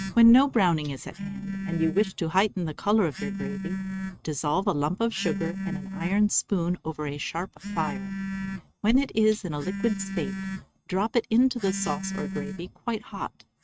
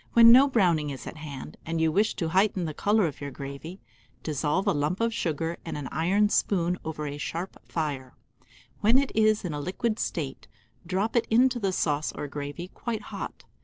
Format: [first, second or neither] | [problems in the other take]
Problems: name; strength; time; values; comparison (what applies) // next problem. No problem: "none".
second | noise reduction (neural mask model RNNoise)